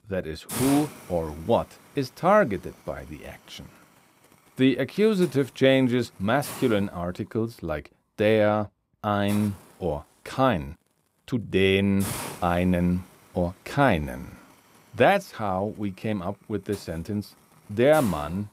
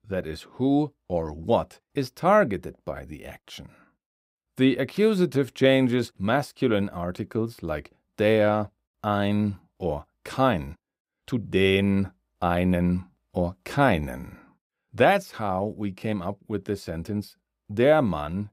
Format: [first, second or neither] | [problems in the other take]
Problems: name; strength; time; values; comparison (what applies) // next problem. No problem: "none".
second | hiss; noticeable; throughout; 15 dB below the speech